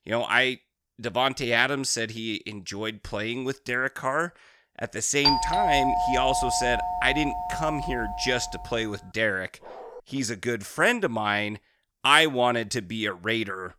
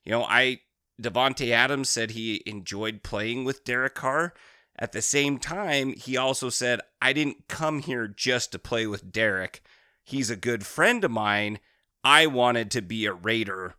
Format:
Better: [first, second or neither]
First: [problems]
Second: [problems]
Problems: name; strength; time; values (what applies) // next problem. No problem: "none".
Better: second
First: doorbell; loud; from 5.5 to 8.5 s; peak 4 dB above the speech // dog barking; faint; at 9.5 s; peak 15 dB below the speech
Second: none